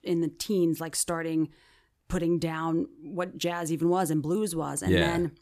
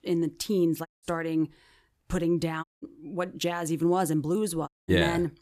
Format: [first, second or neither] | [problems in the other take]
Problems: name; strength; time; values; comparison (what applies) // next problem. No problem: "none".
first | audio cutting out; at 1 s, at 2.5 s and at 4.5 s